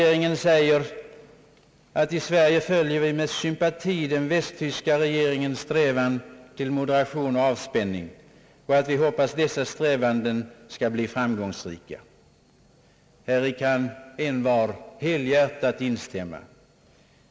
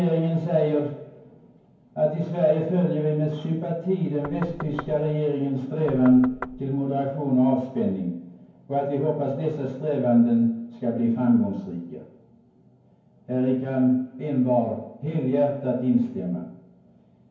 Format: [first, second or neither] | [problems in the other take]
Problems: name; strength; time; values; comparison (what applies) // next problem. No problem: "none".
first | background sound (Knock); 15 dB below the speech // room echo; dies away in 0.9 s